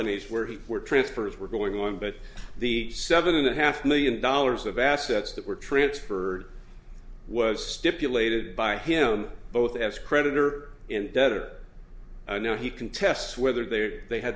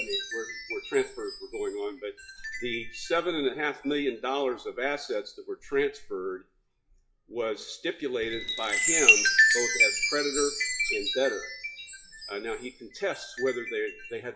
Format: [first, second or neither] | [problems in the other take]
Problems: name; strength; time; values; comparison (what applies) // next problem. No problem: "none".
first | noise reduction (classical method WPE with log-MMSE)